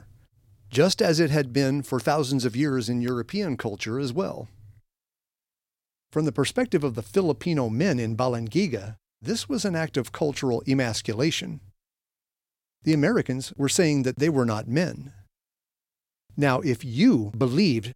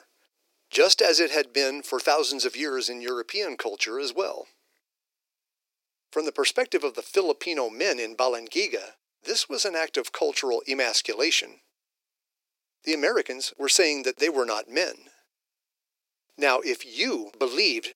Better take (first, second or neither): first